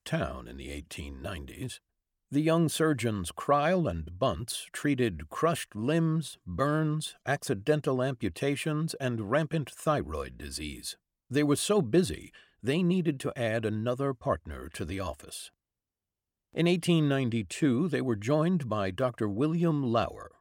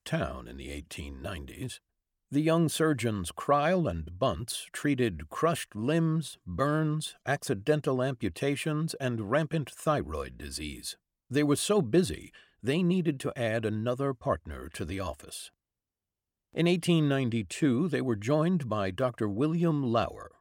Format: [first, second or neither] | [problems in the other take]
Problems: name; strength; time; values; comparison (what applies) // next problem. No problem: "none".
neither | none